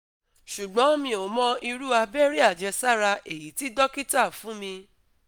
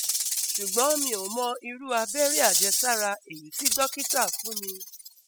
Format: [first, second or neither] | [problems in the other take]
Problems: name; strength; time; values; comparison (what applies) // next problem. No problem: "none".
first | noise reduction (classical method spectral subtraction)